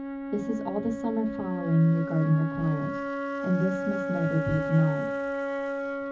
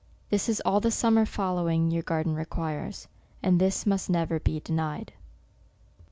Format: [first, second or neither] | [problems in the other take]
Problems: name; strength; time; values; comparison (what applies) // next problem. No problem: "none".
second | background sound (Wind instrument, woodwind instrument); 4 dB below the speech // room echo; dies away in 0.4 s